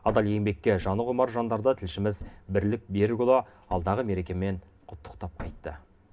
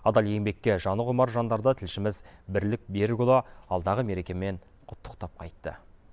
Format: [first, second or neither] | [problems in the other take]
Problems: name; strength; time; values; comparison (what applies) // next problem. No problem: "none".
second | background sound (Thump, thud); 19 dB below the speech // room echo; dies away in 0.3 s